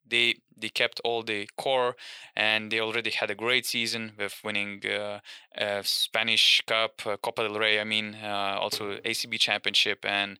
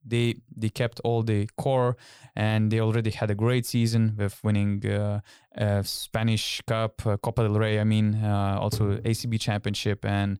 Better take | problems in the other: second | thin; very; fading below 450 Hz

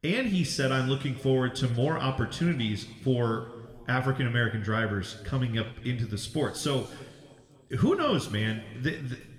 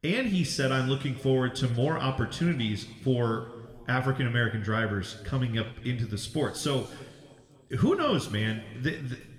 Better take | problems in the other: neither | room echo; slight; dies away in 1.6 s; the same in both

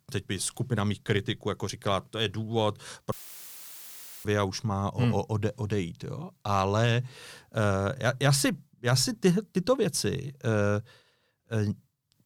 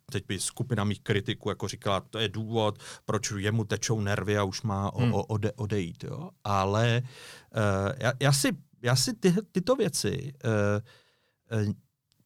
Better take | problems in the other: second | audio cutting out; filled with static; at 3 s for 1 s

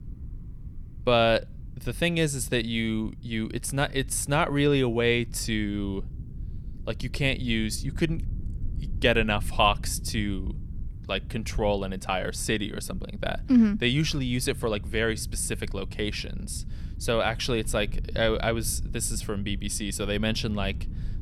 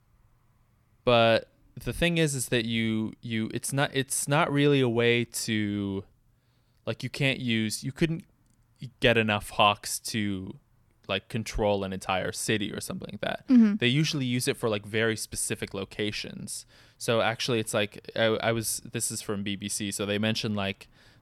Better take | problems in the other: second | low rumble; faint; throughout; 25 dB below the speech

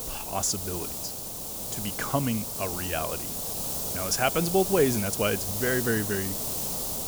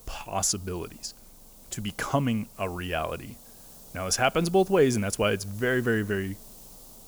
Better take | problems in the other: second | hiss; loud; throughout; 2 dB below the speech; faint in the second

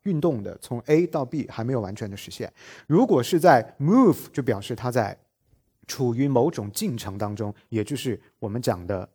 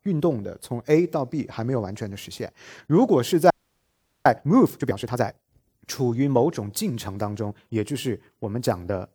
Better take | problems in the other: first | audio freezing; at 3.5 s for 1 s

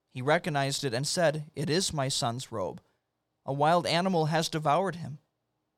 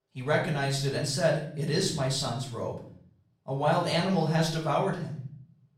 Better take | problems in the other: first | room echo; slight; dies away in 0.5 s // off-mic speech; far

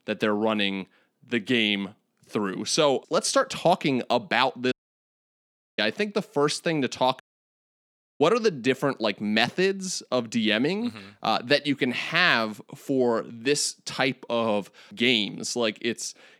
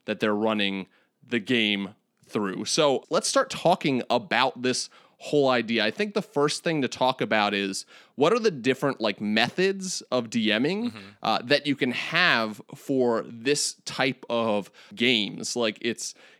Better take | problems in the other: second | audio cutting out; at 4.5 s for 1 s and at 7 s for 1 s

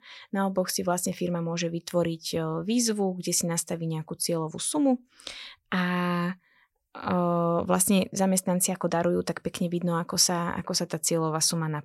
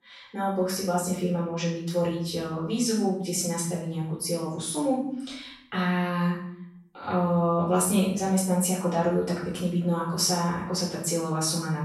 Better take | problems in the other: first | off-mic speech; far // room echo; noticeable; dies away in 0.6 s

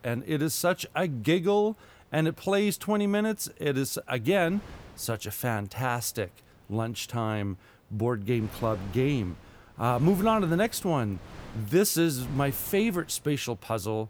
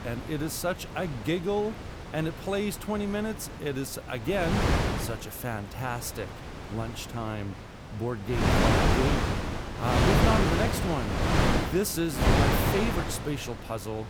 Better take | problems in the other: first | wind noise on the microphone; heavy; 5 dB above the speech; occasional gusts in the first

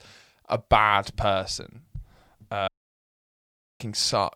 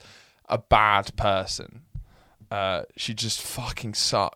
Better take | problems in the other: second | audio cutting out; at 2.5 s for 1 s

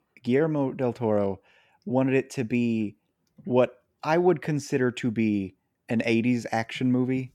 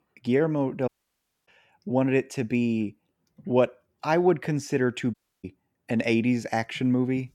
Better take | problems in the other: first | audio cutting out; at 1 s for 0.5 s and at 5 s

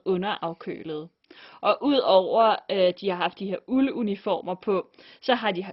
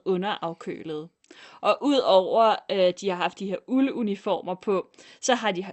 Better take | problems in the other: second | garbled, watery; badly; nothing above 5.5 kHz; slightly in the second

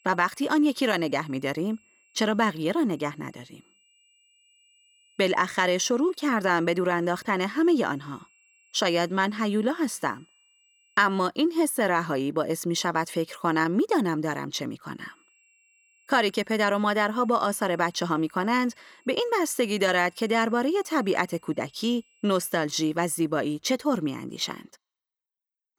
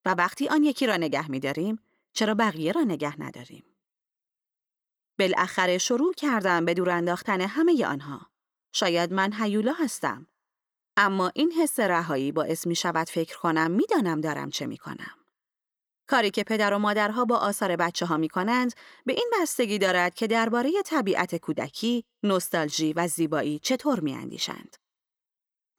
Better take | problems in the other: second | high-pitched whine; faint; until 11 s and from 15 to 23 s; 2.5 kHz, 35 dB below the speech

